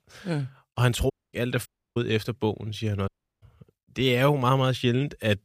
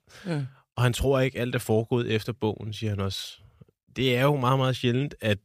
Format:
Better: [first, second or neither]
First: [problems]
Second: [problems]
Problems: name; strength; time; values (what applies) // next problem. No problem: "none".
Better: second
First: audio cutting out; at 1 s, at 1.5 s and at 3 s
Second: none